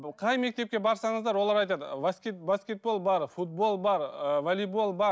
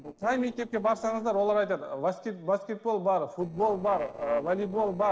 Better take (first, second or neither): first